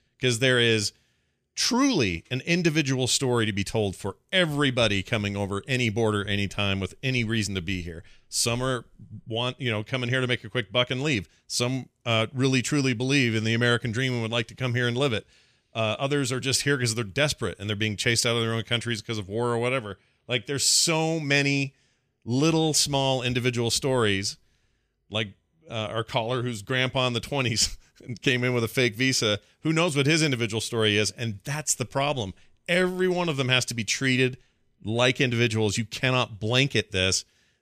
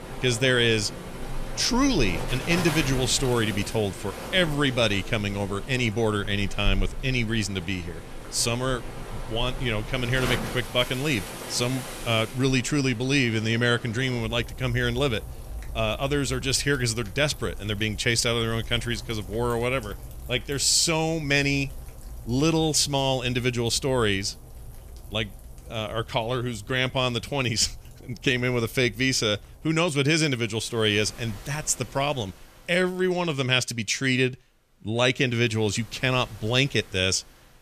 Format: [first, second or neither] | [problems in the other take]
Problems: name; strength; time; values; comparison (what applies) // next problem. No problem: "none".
first | rain or running water; noticeable; throughout; 15 dB below the speech